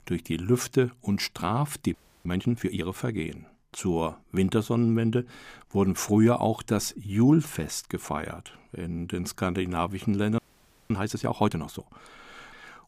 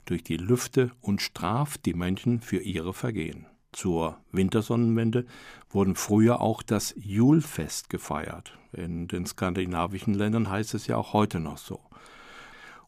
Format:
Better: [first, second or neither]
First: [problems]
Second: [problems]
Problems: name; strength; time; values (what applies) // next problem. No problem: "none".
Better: second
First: audio freezing; at 2 s and at 10 s for 0.5 s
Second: none